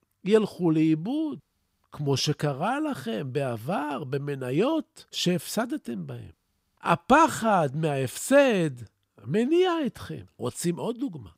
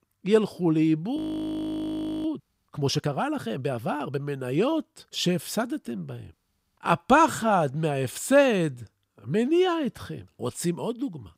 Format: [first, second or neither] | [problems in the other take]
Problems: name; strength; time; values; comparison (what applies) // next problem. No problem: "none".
first | audio freezing; at 1 s for 1 s